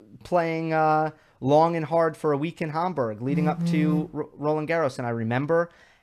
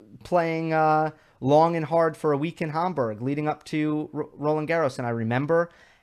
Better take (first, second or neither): second